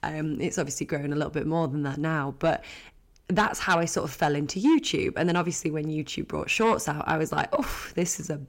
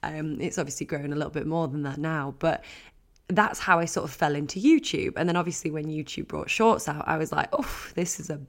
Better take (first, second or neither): second